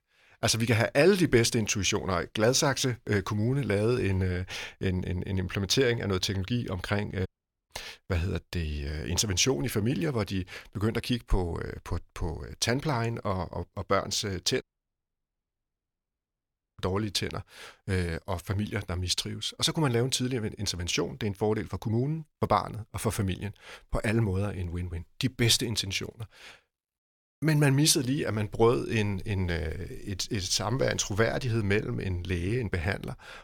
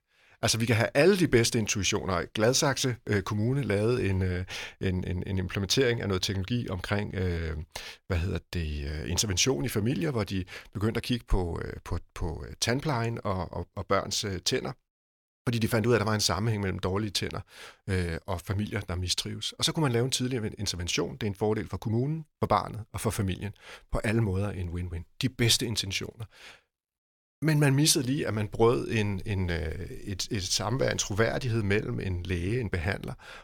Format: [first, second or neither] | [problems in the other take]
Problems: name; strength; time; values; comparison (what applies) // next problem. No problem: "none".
second | audio cutting out; at 7.5 s and at 15 s for 2 s